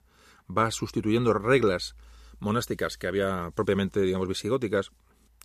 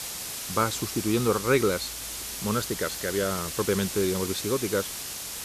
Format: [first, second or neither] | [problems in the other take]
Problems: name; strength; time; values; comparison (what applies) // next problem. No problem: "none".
first | hiss; loud; throughout; 5 dB below the speech